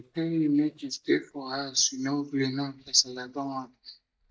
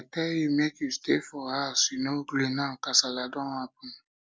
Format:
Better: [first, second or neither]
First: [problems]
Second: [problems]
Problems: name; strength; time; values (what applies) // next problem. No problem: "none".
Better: second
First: noise reduction (neural mask model DeepFilterNet 3)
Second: none